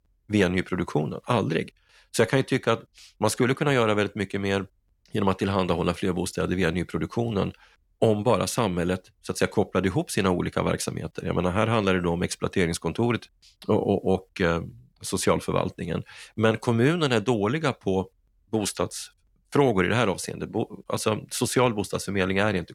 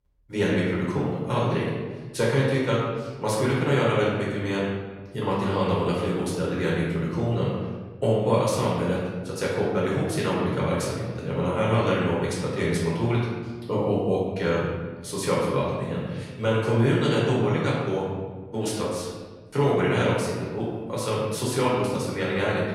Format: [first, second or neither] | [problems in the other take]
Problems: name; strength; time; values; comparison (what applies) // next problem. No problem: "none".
first | room echo; noticeable; dies away in 1.3 s // off-mic speech; far